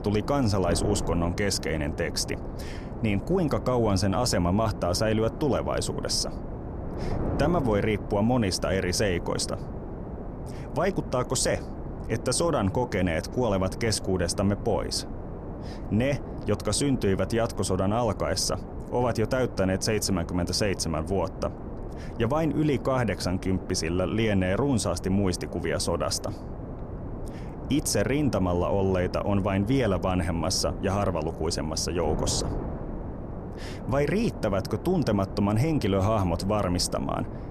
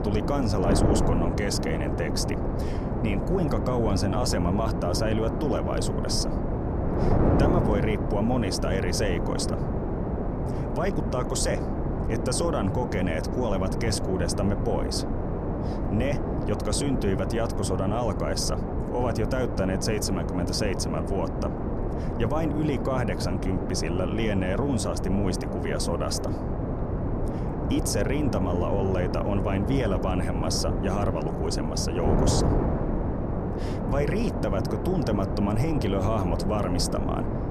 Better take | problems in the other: first | wind noise on the microphone; heavy; 3 dB below the speech; occasional gusts in the first

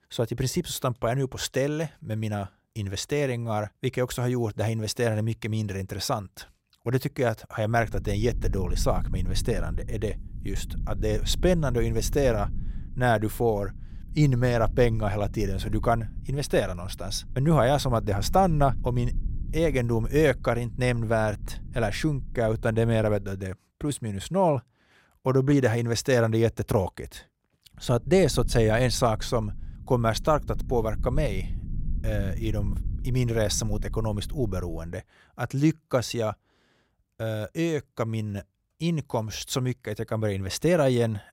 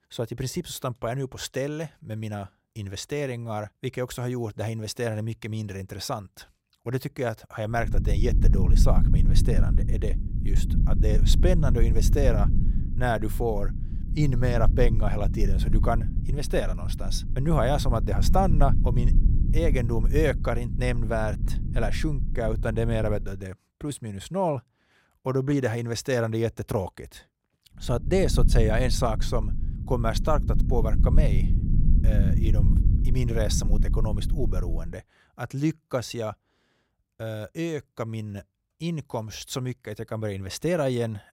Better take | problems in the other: first | low rumble; loud; from 8 to 23 s and from 28 to 35 s; 10 dB below the speech; faint in the first

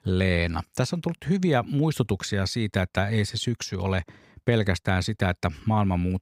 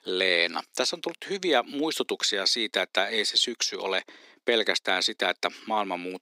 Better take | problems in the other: first | thin; very; fading below 300 Hz

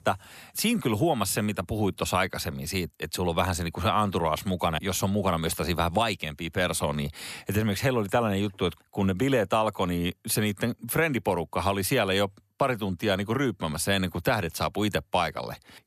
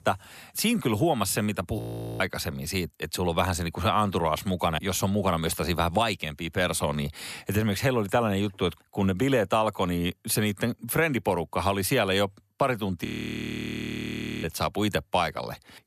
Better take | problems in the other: first | audio freezing; at 2 s and at 13 s for 1.5 s

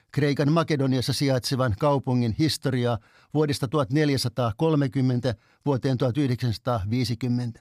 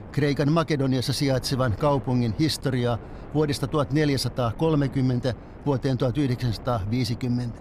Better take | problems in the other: first | wind noise on the microphone; occasional gusts; 20 dB below the speech

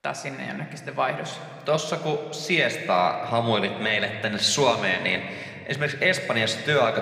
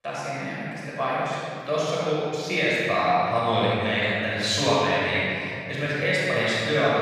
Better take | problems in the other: first | room echo; strong; dies away in 2.7 s; slight in the first // off-mic speech; far

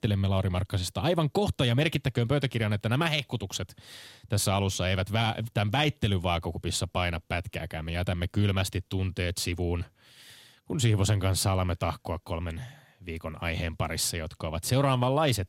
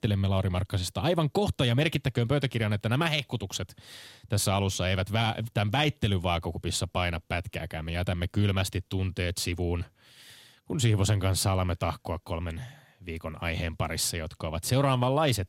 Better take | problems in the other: neither | none

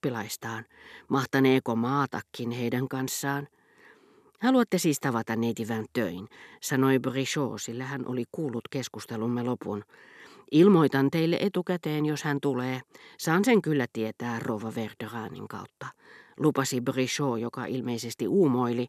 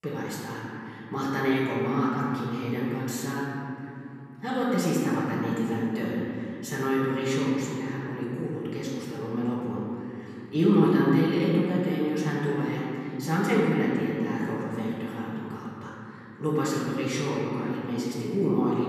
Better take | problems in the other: first | off-mic speech; far // room echo; strong; dies away in 2.9 s

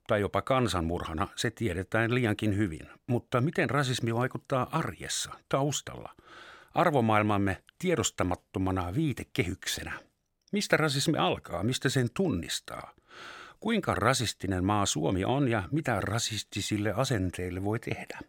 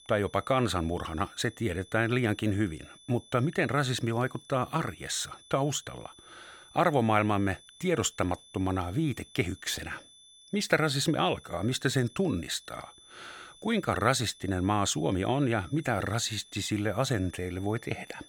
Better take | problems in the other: first | high-pitched whine; faint; throughout; 3.5 kHz, 25 dB below the speech

